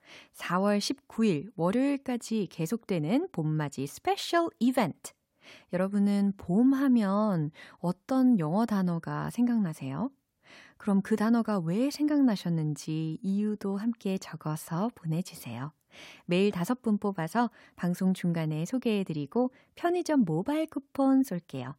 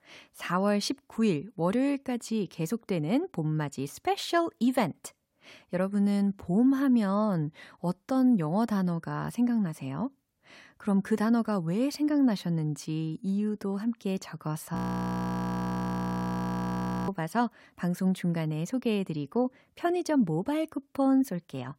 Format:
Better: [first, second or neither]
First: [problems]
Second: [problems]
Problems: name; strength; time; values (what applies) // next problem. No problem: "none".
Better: first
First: none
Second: audio freezing; at 15 s for 2.5 s